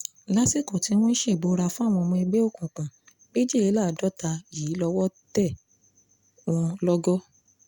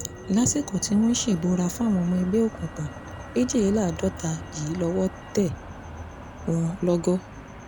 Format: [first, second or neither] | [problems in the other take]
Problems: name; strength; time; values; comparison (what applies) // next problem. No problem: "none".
first | background sound (Motor vehicle (road)); 13 dB below the speech